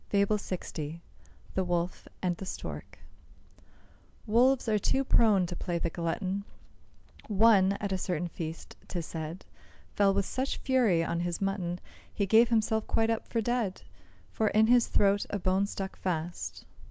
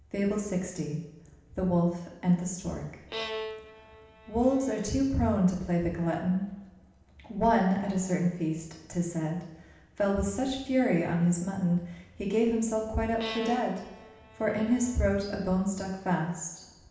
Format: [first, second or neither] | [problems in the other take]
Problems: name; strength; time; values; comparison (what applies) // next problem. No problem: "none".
first | background sound (Bowed string instrument); 12 dB below the speech // room echo; dies away in 0.9 s